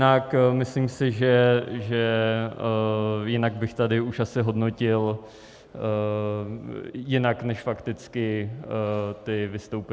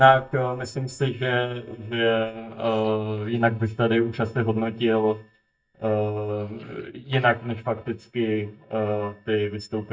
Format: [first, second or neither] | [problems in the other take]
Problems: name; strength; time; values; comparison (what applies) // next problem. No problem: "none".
first | noise reduction (neural mask model DeepFilterNet 3)